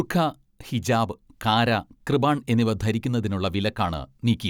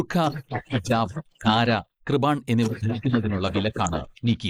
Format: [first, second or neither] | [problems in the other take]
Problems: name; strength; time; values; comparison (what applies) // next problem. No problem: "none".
first | noise reduction (neural mask model Resemble Enhance denoiser)